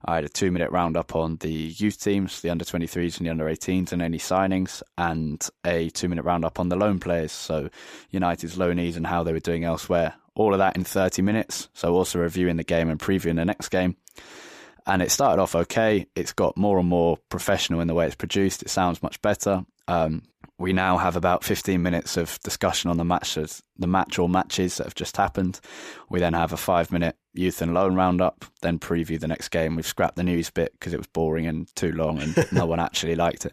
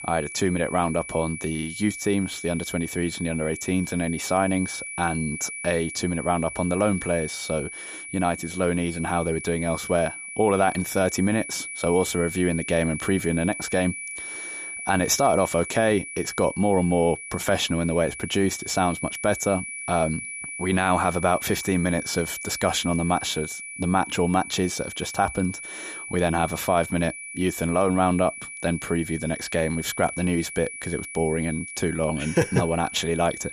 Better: first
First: none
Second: high-pitched whine; loud; throughout; 2.5 kHz, 9 dB below the speech

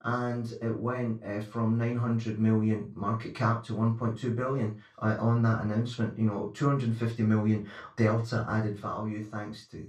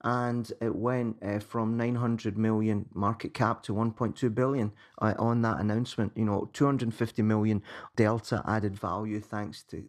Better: second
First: room echo; noticeable; dies away in 0.2 s // off-mic speech; far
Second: none

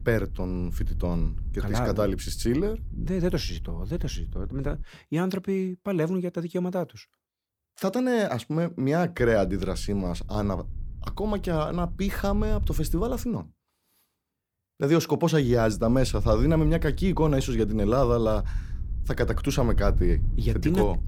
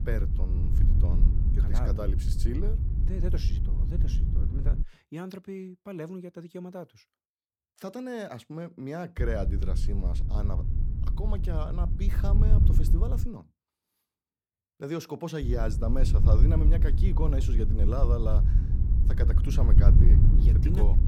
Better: first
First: wind noise on the microphone; occasional gusts; until 5 s, from 9 to 13 s and from 15 s on; 25 dB below the speech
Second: wind noise on the microphone; heavy; until 5 s, from 9 to 13 s and from 15 s on; 4 dB below the speech

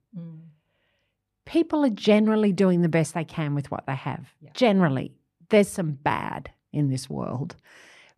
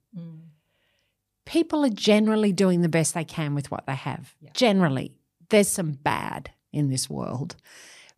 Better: second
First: muffled; slightly; fading above 3.5 kHz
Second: none

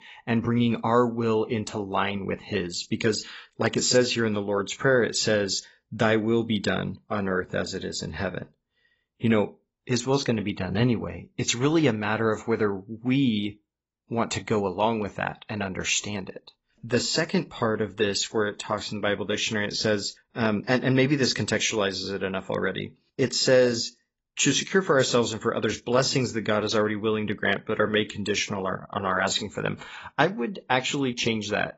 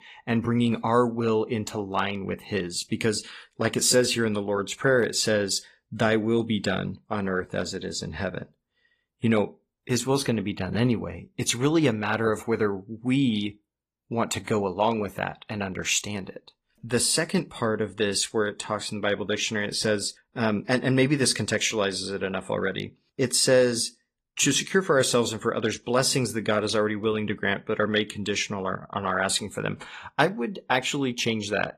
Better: second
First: garbled, watery; badly; nothing above 7.5 kHz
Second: garbled, watery; slightly; nothing above 15 kHz

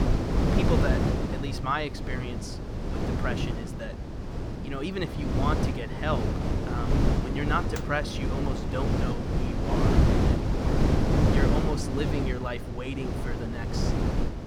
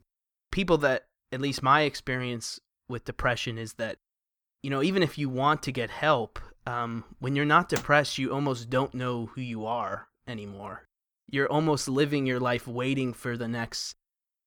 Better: second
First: wind noise on the microphone; heavy; as loud as the speech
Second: none

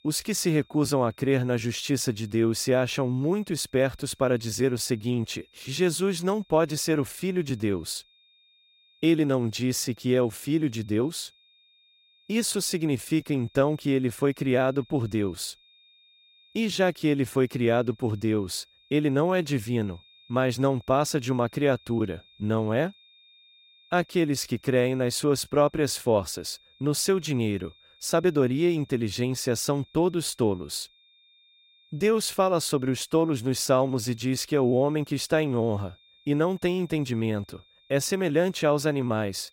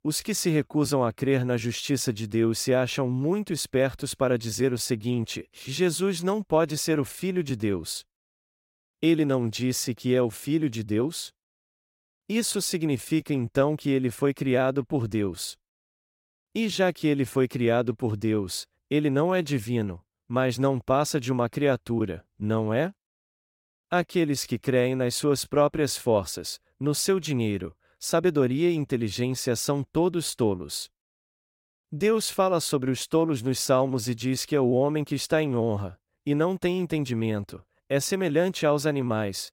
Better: second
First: high-pitched whine; faint; throughout; 3.5 kHz, 30 dB below the speech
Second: none

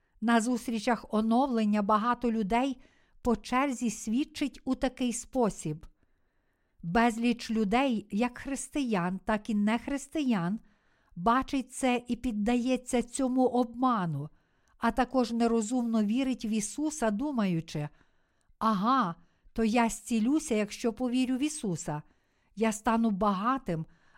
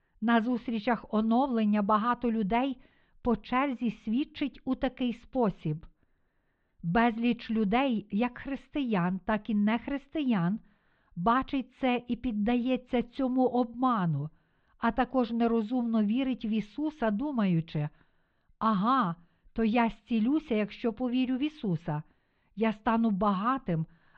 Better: first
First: none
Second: muffled; very; fading above 3.5 kHz

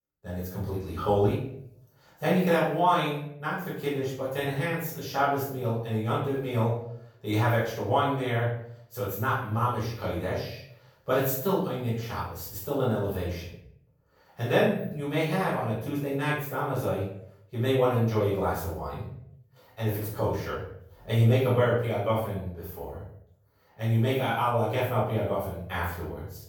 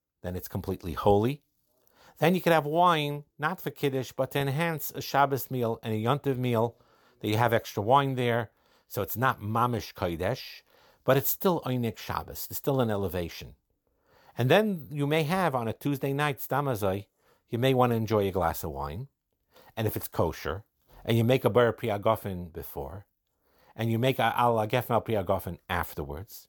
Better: second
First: off-mic speech; far // room echo; noticeable; dies away in 0.6 s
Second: none

